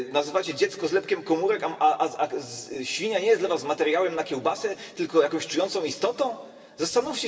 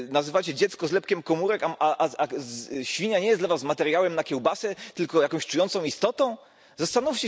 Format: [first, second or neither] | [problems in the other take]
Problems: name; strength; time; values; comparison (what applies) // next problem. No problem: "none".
second | room echo; dies away in 2 s